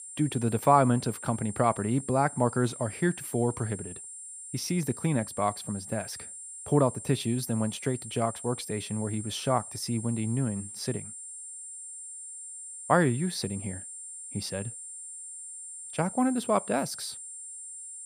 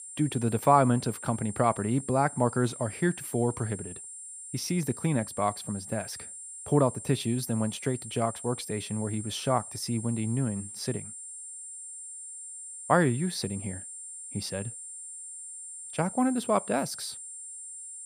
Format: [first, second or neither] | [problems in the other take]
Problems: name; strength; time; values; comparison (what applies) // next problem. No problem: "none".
neither | high-pitched whine; noticeable; throughout; 9.5 kHz, 10 dB below the speech; the same in both